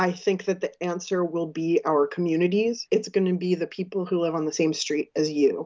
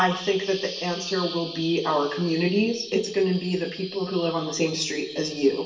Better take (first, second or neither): first